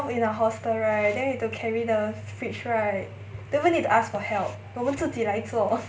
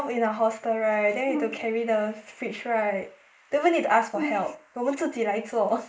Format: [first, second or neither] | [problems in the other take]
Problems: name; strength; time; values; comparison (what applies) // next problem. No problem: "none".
first | noise reduction (neural mask model Resemble Enhance denoiser)